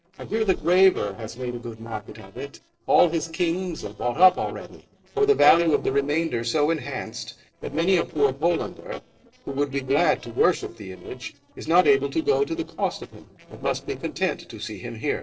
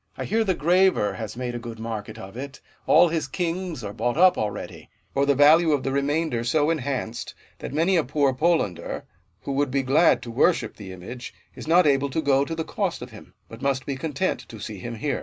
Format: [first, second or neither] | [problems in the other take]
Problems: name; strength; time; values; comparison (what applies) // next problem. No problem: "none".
second | noise reduction (neural separator model SepFormer DNS4)